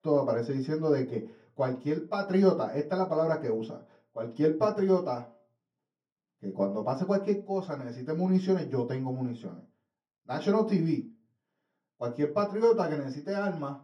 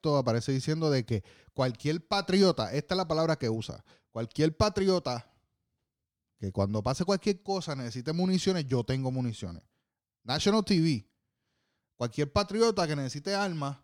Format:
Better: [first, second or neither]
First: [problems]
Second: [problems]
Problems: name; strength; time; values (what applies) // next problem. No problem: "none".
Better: second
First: room echo; slight; dies away in 0.4 s // off-mic speech; far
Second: none